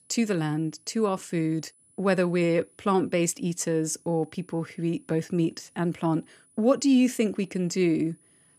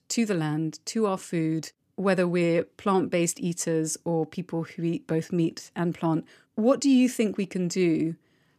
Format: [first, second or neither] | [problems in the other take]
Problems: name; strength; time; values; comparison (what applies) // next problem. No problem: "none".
second | high-pitched whine; faint; throughout; 10 kHz, 30 dB below the speech